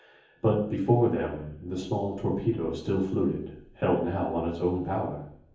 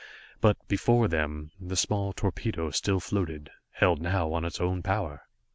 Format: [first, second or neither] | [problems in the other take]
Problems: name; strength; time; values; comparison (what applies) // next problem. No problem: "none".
second | room echo; dies away in 0.7 s